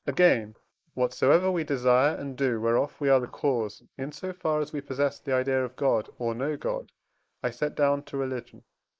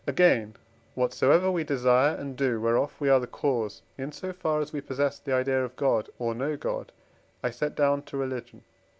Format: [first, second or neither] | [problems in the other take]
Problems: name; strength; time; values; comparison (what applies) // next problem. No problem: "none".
second | noise reduction (neural mask model Resemble Enhance denoiser)